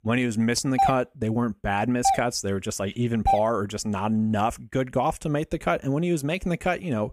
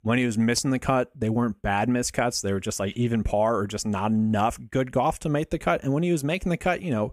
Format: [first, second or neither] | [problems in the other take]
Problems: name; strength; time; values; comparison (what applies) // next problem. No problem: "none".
second | doorbell; loud; from 1 to 3.5 s; peak 1 dB above the speech